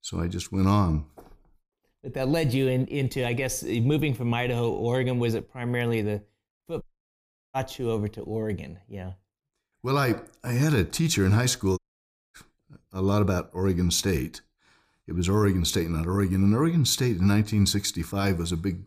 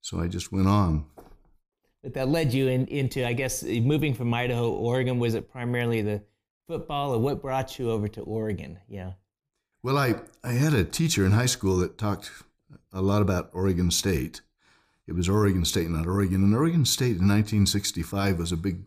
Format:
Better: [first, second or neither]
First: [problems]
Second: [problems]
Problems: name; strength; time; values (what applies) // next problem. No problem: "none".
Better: second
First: audio cutting out; at 7 s for 0.5 s and at 12 s for 0.5 s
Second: none